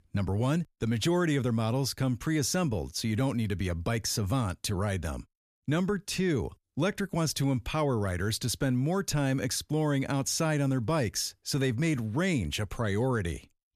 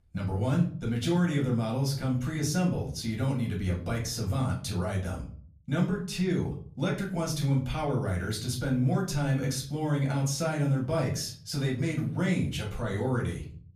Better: first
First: none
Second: off-mic speech; far // room echo; slight; dies away in 0.4 s

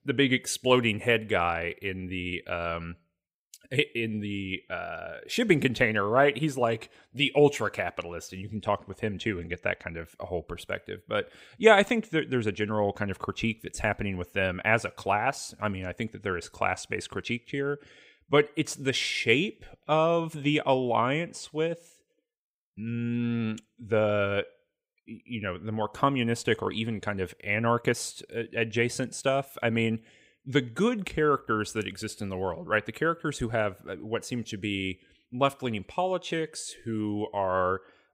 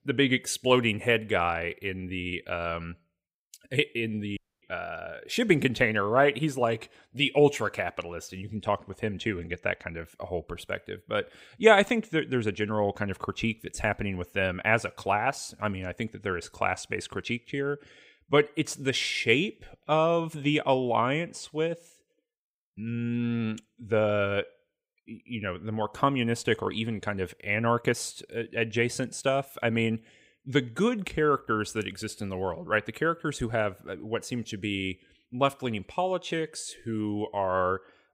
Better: first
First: none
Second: audio cutting out; at 4.5 s

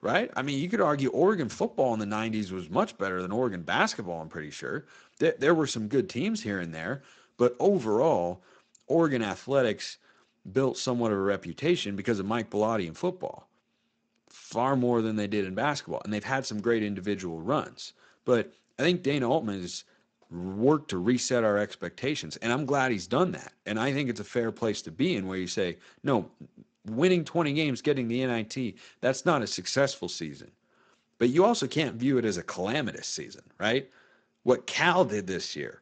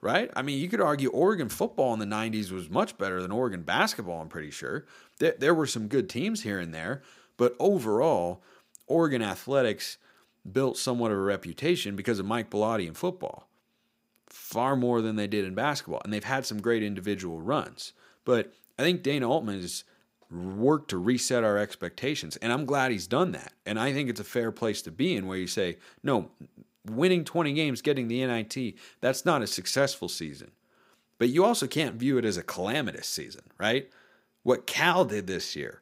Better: second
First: garbled, watery; slightly; nothing above 7.5 kHz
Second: none

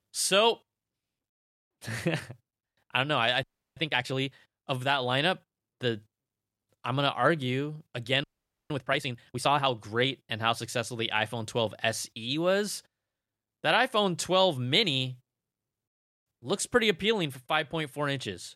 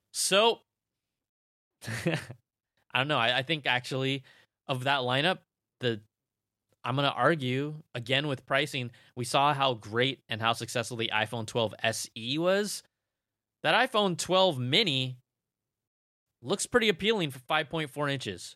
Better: second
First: audio freezing; at 3.5 s and at 8 s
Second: none

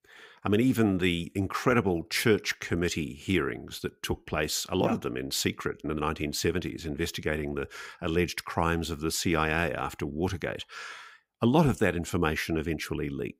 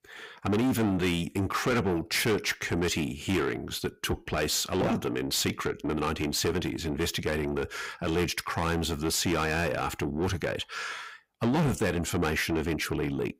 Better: first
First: none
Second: distortion; heavy; 7 dB below the speech

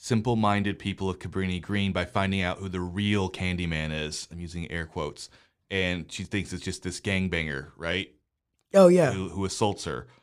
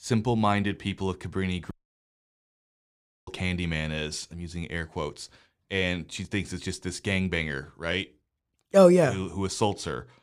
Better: first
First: none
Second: audio cutting out; at 1.5 s for 1.5 s

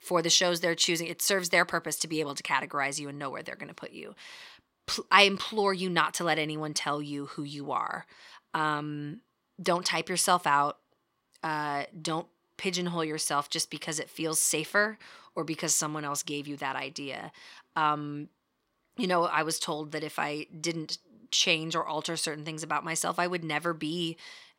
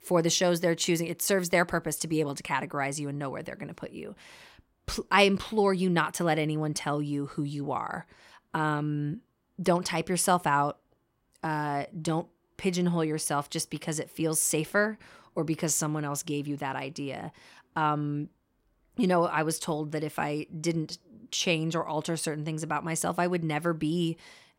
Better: second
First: thin; very slightly; fading below 550 Hz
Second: none

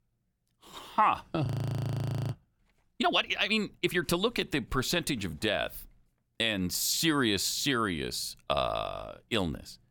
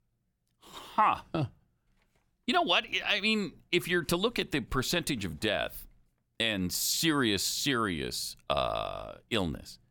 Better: second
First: audio freezing; at 1.5 s for 1 s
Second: none

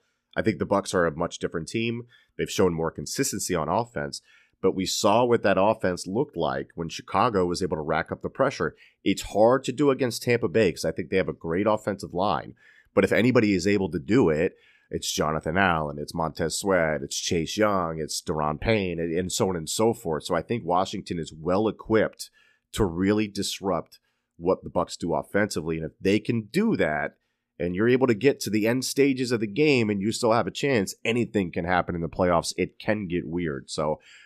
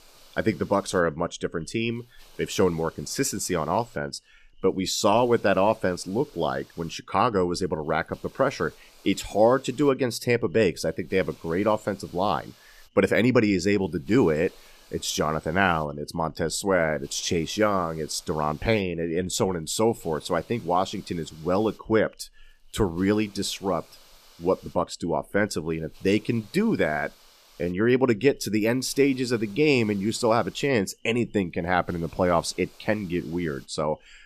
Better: first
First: none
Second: hiss; faint; throughout; 30 dB below the speech

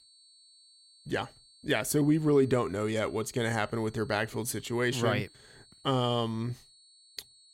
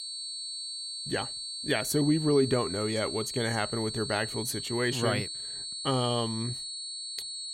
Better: first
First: high-pitched whine; faint; throughout; 4.5 kHz, 25 dB below the speech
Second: high-pitched whine; loud; throughout; 4.5 kHz, 5 dB below the speech

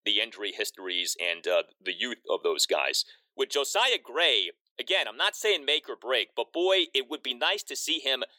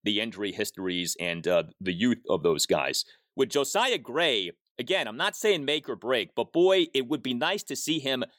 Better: second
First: thin; very; fading below 400 Hz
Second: none

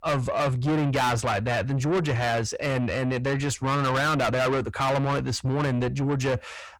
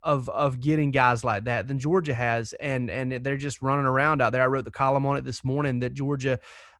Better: second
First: distortion; heavy; 5 dB below the speech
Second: none

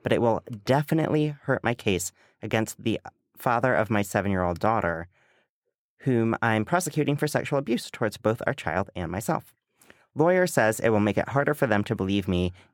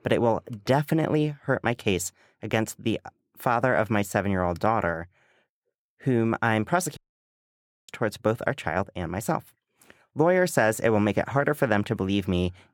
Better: first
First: none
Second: audio cutting out; at 7 s for 1 s

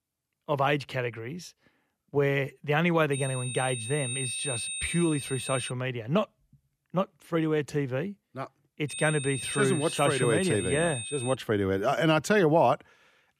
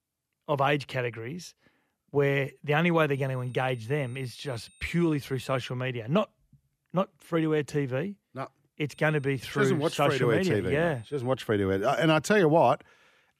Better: second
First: high-pitched whine; loud; from 3 to 5.5 s and from 9 to 11 s; 8.5 kHz, 6 dB below the speech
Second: high-pitched whine; faint; from 3 to 5.5 s and from 9 to 11 s; 8.5 kHz, 30 dB below the speech

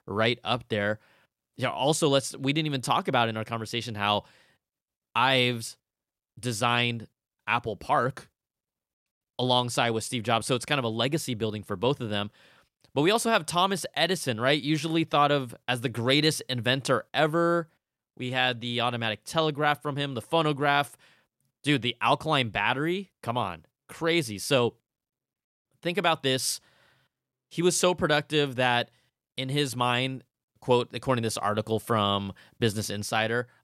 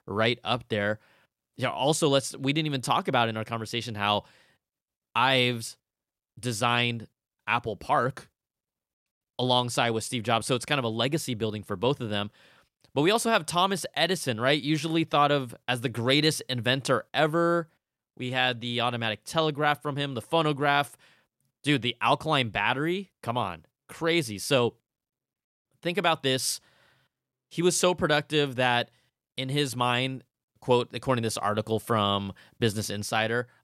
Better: neither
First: none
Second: none

